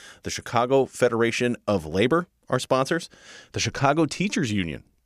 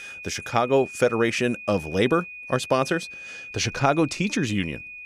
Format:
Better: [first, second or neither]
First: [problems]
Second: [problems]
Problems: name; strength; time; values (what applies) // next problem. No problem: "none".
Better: first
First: none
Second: high-pitched whine; noticeable; throughout; 2.5 kHz, 15 dB below the speech